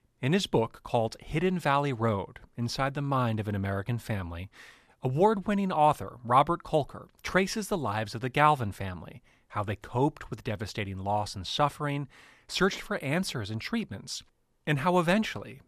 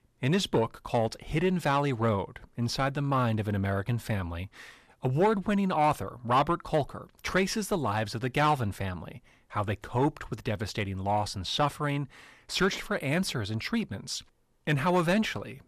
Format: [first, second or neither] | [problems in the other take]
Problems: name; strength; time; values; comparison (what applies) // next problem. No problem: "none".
first | distortion; slight; 10 dB below the speech